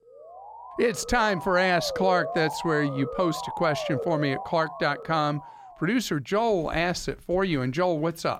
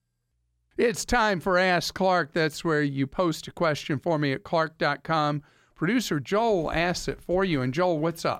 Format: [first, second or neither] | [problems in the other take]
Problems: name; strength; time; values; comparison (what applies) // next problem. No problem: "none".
second | siren; noticeable; until 5.5 s; peak 5 dB below the speech